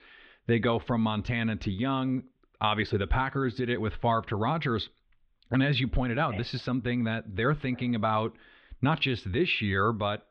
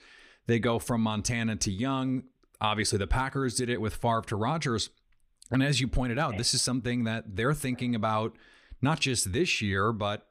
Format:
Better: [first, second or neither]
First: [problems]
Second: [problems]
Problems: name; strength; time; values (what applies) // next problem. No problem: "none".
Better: second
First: muffled; very; fading above 3.5 kHz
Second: none